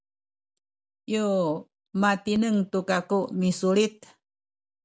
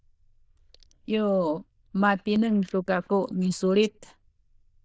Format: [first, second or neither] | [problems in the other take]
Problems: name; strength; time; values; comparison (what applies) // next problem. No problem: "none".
first | noise reduction (neural diffusion model UNIVERSE++)